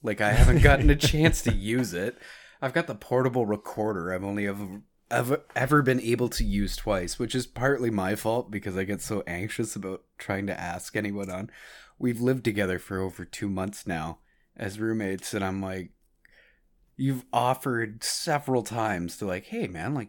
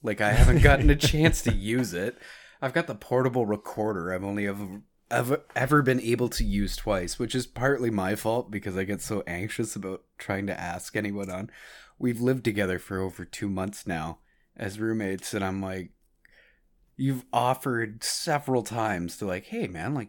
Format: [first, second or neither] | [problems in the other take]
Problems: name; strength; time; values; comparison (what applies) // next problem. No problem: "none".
neither | none